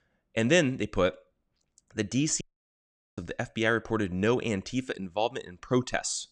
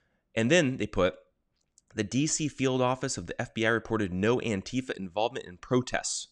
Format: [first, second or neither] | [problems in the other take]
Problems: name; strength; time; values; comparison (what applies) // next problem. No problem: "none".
second | audio cutting out; at 2.5 s for 1 s